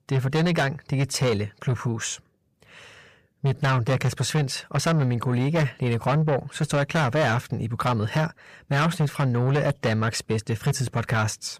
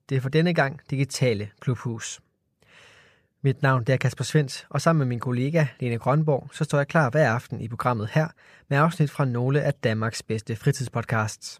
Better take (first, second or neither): second